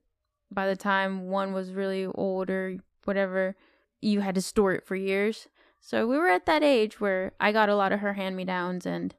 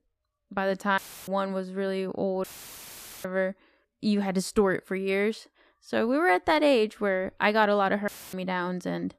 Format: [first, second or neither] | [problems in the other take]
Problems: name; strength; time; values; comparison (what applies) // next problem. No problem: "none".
first | audio cutting out; filled with static; at 1 s, at 2.5 s for 1 s and at 8 s